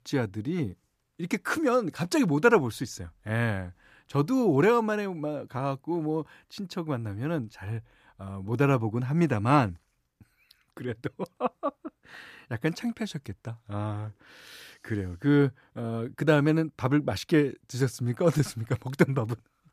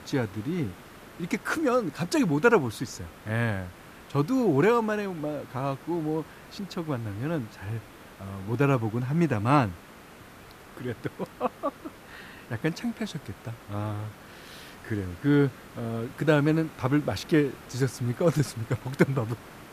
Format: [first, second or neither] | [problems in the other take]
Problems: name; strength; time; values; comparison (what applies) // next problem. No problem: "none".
first | hiss; noticeable; throughout; 20 dB below the speech